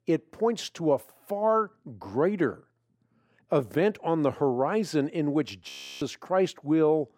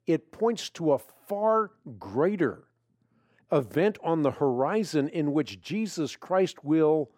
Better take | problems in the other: second | audio freezing; at 5.5 s

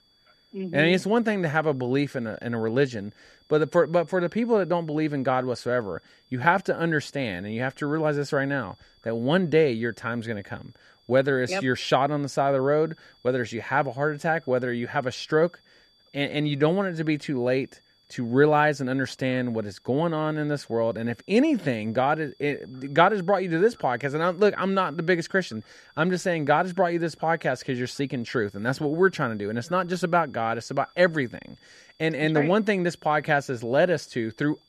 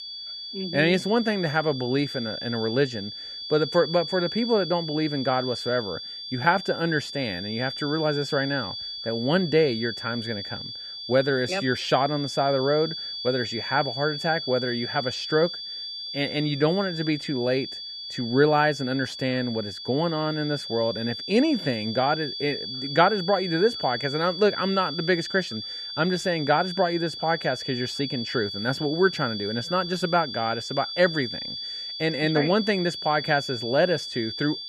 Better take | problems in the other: first | high-pitched whine; loud; throughout; 4.5 kHz, 7 dB below the speech; faint in the first

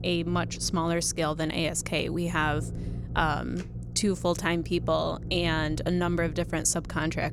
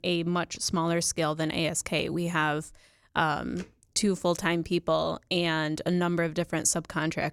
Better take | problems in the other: second | low rumble; noticeable; throughout; 20 dB below the speech

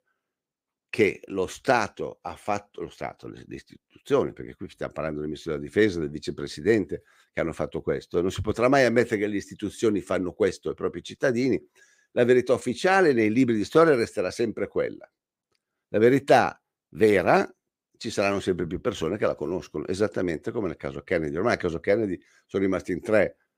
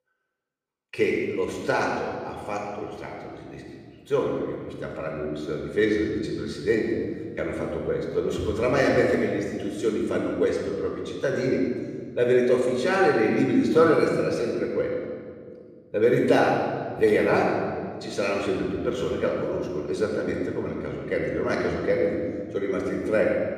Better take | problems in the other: first | off-mic speech; somewhat distant // room echo; noticeable; dies away in 1.7 s

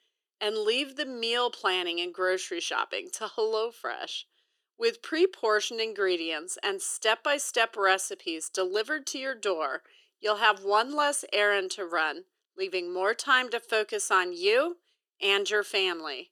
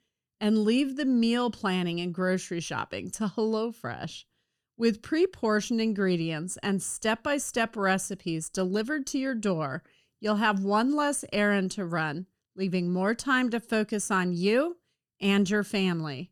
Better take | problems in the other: second | thin; very; fading below 350 Hz

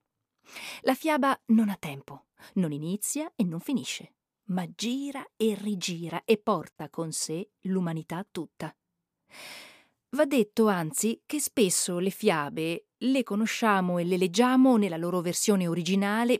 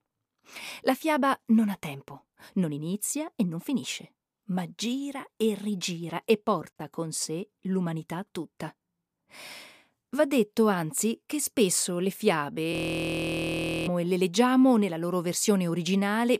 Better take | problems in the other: first | audio freezing; at 13 s for 1 s

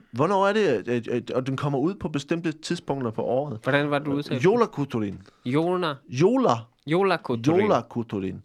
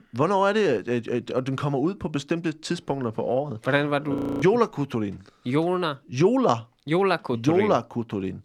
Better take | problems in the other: first | audio freezing; at 4 s

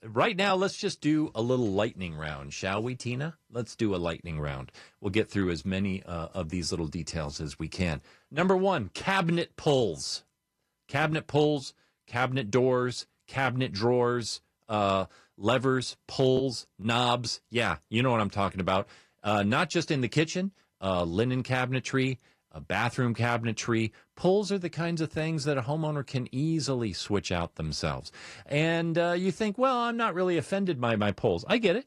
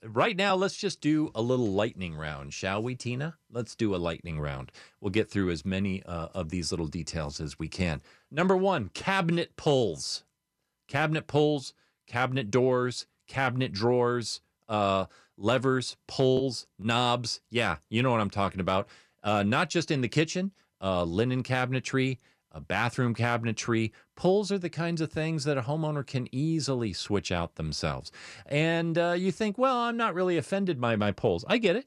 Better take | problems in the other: second | garbled, watery; slightly; nothing above 14.5 kHz

